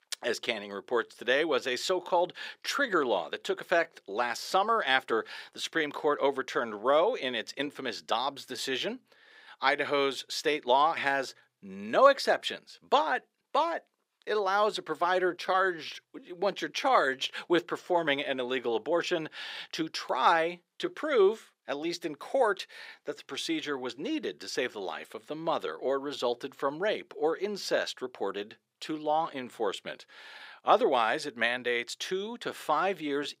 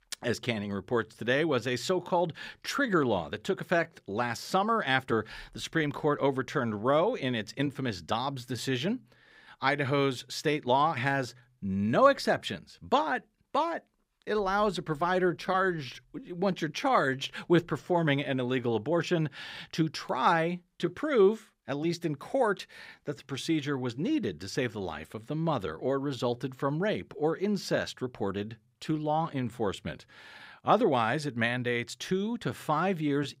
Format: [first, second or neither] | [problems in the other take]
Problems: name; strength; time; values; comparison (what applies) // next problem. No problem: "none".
second | thin; somewhat; fading below 450 Hz